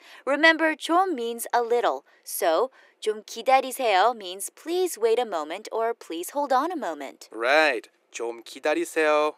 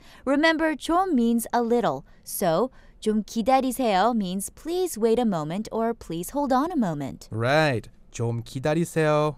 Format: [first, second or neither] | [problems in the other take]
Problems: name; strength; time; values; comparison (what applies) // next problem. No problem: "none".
second | thin; very; fading below 350 Hz